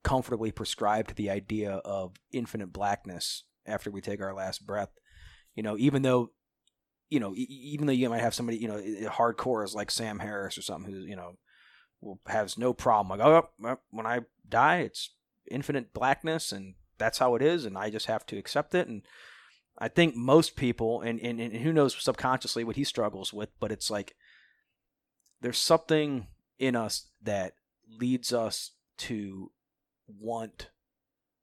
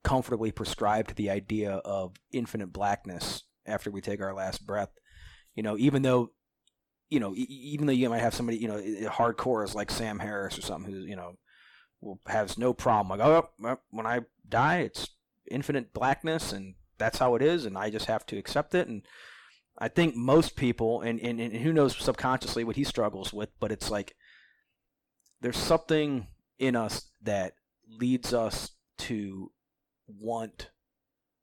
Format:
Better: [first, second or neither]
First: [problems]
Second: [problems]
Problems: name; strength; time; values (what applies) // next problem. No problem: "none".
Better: first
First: none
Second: distortion; slight; 9 dB below the speech